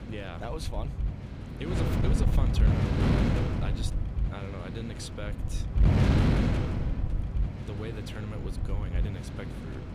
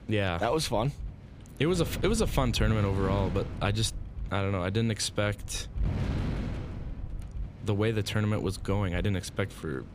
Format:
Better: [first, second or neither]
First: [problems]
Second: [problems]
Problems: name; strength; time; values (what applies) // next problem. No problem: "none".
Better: second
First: wind noise on the microphone; heavy; 4 dB above the speech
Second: wind noise on the microphone; occasional gusts; 15 dB below the speech